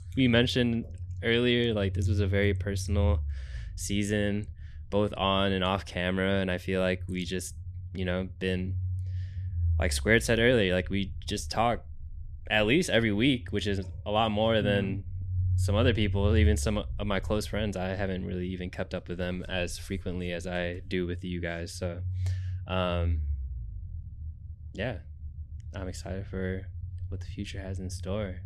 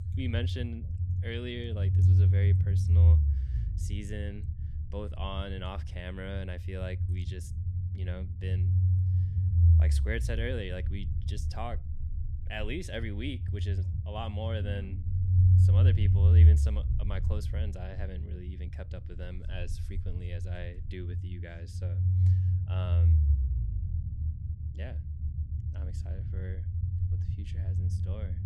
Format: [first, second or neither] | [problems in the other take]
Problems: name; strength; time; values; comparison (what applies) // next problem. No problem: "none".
first | low rumble; loud; throughout; 2 dB below the speech; faint in the first